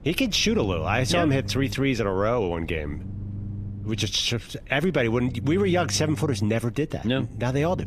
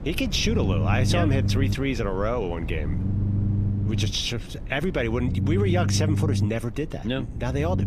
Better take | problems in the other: first | low rumble; loud; throughout; 10 dB below the speech; faint in the first

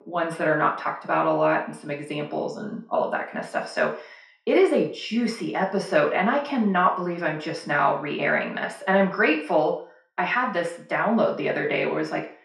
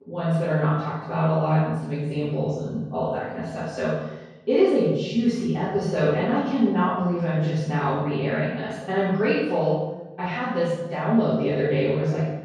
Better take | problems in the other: first | room echo; strong; dies away in 1.4 s; slight in the first // off-mic speech; far; far in the first

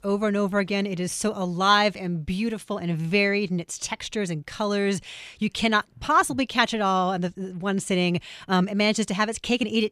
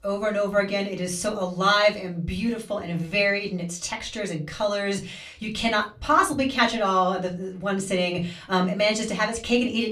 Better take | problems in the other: first | off-mic speech; somewhat distant // room echo; very slight; dies away in 0.2 s

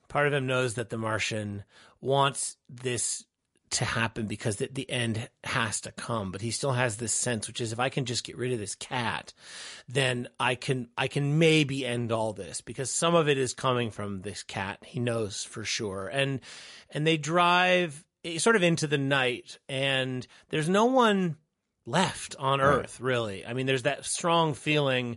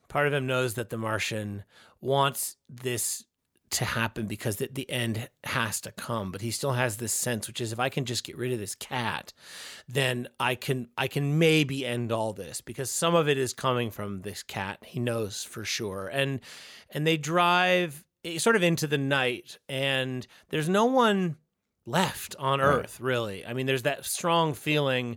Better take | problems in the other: second | garbled, watery; slightly; nothing above 11 kHz

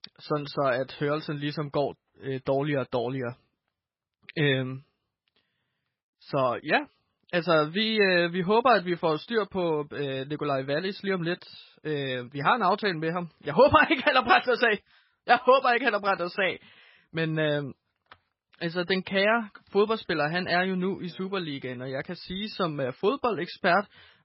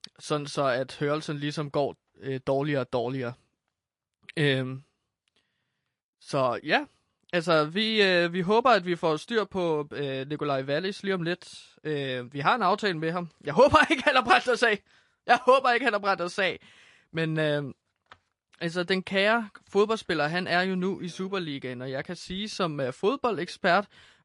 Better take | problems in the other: second | garbled, watery; badly; nothing above 4.5 kHz; slightly in the second

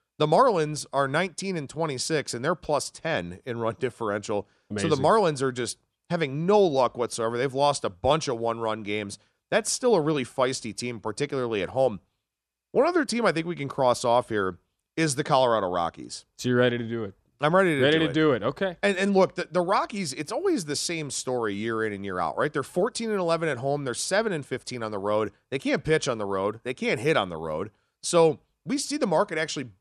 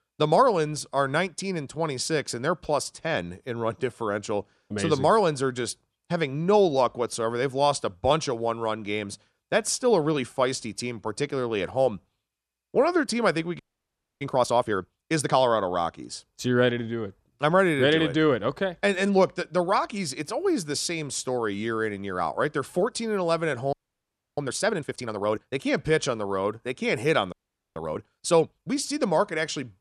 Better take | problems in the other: first | audio freezing; at 14 s for 0.5 s, at 24 s for 0.5 s and at 27 s

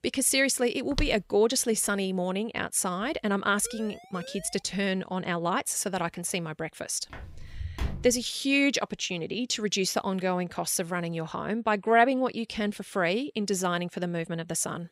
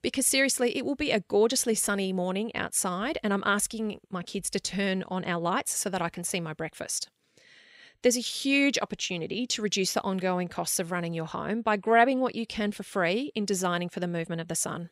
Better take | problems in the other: second | footsteps; noticeable; at 1 s and at 7 s; peak 7 dB below the speech // siren; faint; at 3.5 s; peak 15 dB below the speech

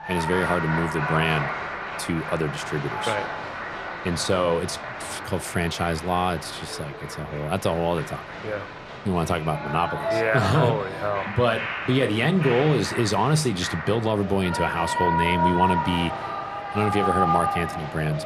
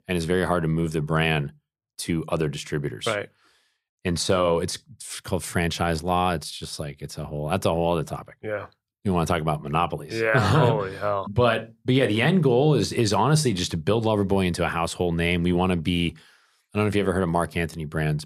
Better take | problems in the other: second | crowd noise; loud; throughout; 4 dB below the speech

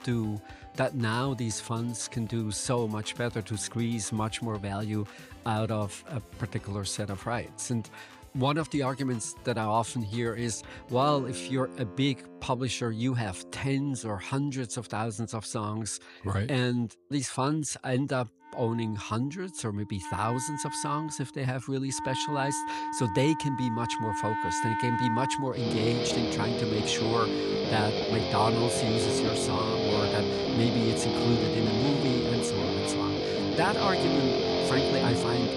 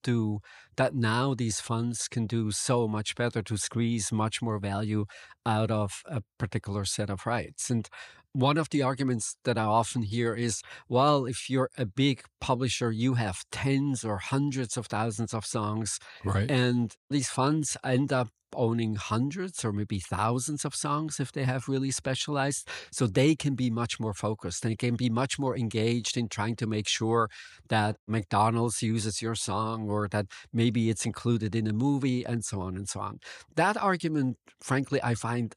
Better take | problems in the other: second | background music; very loud; throughout; 1 dB above the speech

